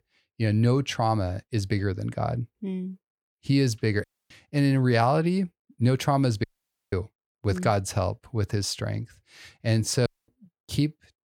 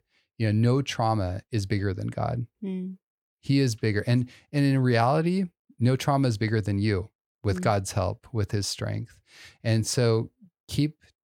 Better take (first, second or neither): second